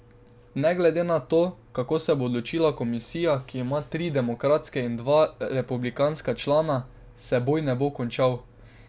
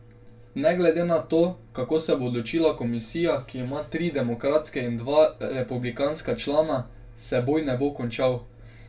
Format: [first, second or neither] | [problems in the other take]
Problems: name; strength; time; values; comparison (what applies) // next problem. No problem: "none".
first | room echo; dies away in 0.2 s